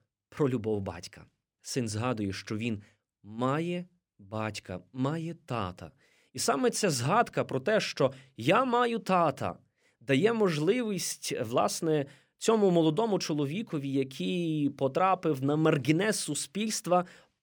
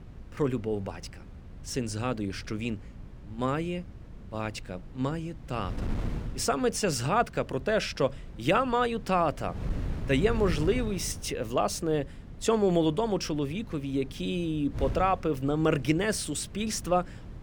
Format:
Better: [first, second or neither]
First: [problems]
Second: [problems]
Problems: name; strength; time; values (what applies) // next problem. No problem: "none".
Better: first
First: none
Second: wind noise on the microphone; occasional gusts; 20 dB below the speech